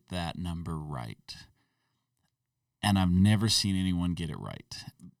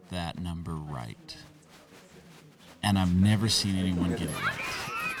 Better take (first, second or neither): first